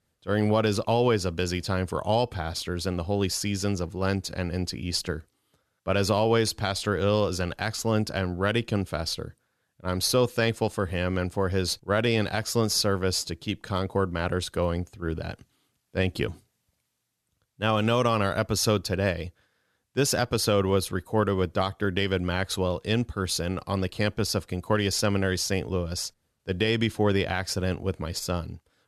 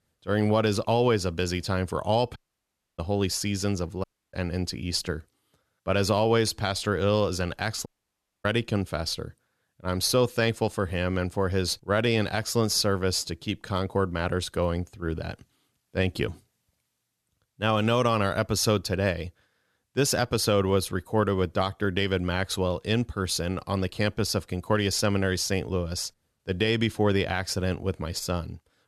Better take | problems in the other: first | audio cutting out; at 2.5 s for 0.5 s, at 4 s and at 8 s for 0.5 s

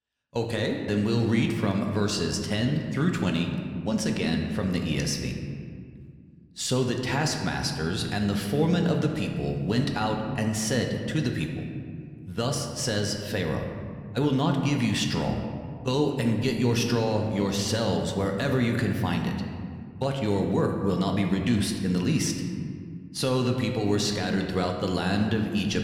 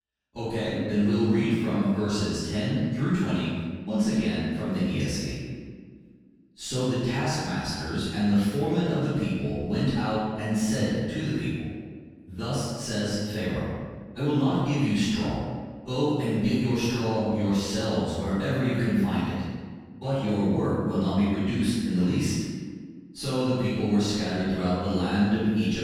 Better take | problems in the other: first | room echo; strong; dies away in 1.5 s; slight in the first // off-mic speech; far

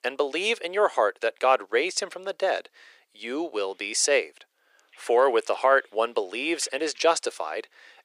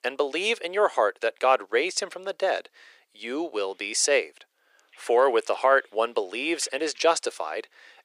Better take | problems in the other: neither | thin; very; fading below 400 Hz; the same in both

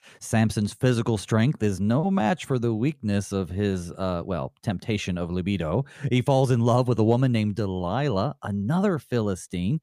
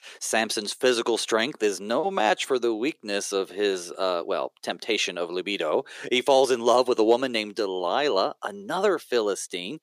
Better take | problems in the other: first | thin; very; fading below 350 Hz

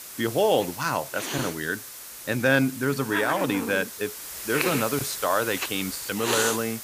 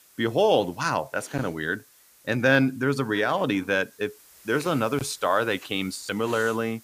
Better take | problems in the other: second | hiss; loud; throughout; 5 dB below the speech; faint in the second

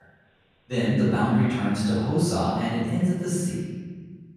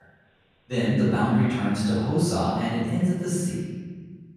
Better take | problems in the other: neither | room echo; strong; dies away in 1.6 s; the same in both // off-mic speech; far; the same in both

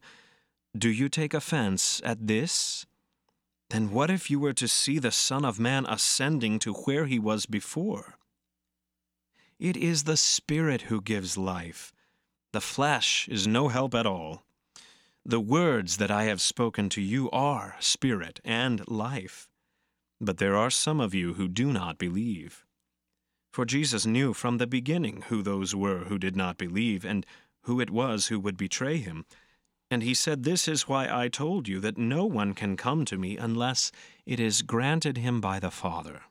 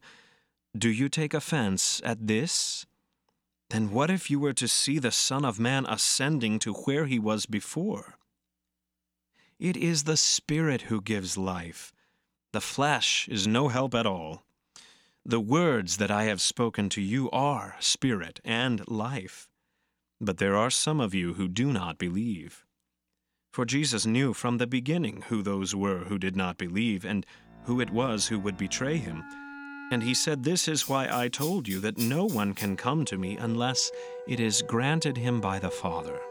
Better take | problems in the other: first | background music; noticeable; from 28 s on; 15 dB below the speech

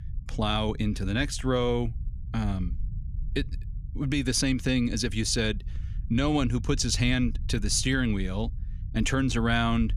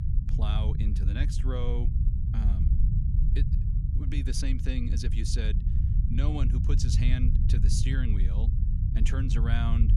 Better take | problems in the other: first | low rumble; loud; throughout; 4 dB below the speech; faint in the first

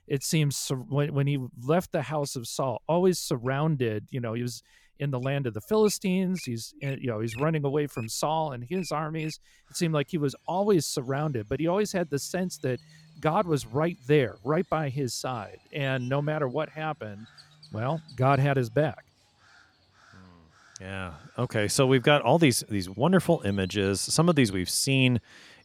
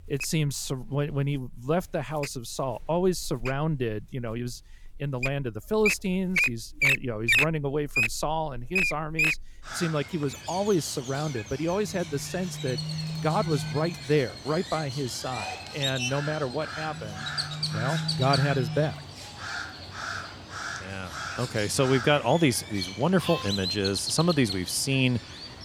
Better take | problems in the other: first | animal sounds; loud; throughout; 2 dB below the speech; faint in the first

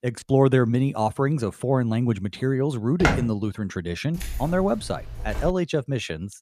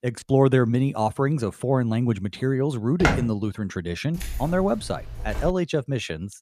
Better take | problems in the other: neither | footsteps; loud; at 3 s; peak 1 dB above the speech; the same in both // jangling keys; noticeable; from 4 to 5.5 s; peak 9 dB below the speech; the same in both

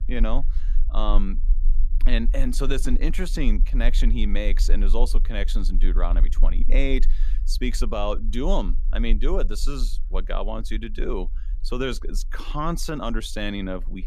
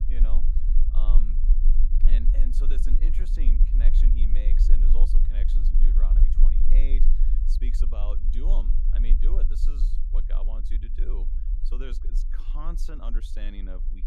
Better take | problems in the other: first | low rumble; loud; throughout; 4 dB below the speech; faint in the first

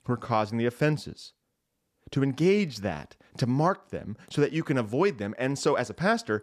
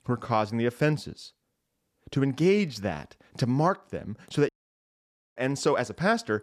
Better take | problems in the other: first | audio cutting out; at 4.5 s for 1 s

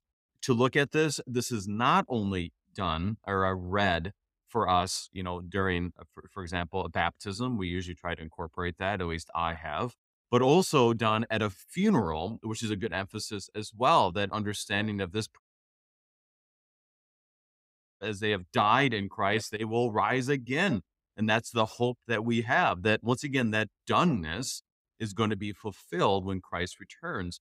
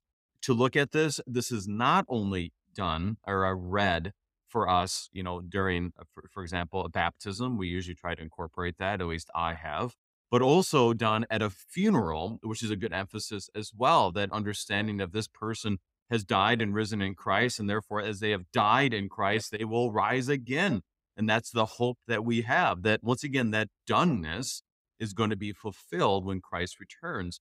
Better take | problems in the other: second | audio cutting out; at 15 s for 2.5 s

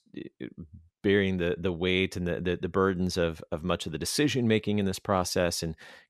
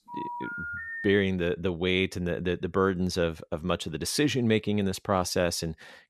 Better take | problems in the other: first | phone ringing; noticeable; until 1.5 s; peak 7 dB below the speech

